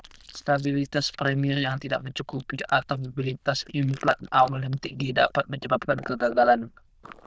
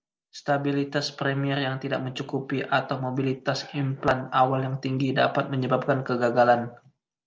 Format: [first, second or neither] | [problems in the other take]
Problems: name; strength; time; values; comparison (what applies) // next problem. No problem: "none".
second | noise reduction (neural diffusion model UNIVERSE++)